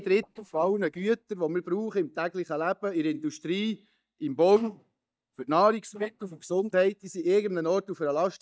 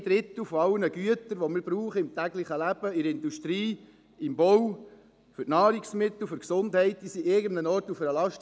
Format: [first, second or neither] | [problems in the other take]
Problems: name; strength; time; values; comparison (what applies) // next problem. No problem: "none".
second | noise reduction (neural mask model DeepFilterNet 3)